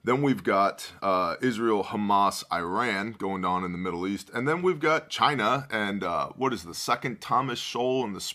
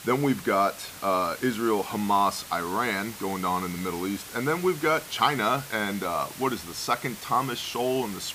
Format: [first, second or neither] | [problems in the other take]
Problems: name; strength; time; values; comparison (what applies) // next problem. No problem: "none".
first | hiss; noticeable; throughout; 15 dB below the speech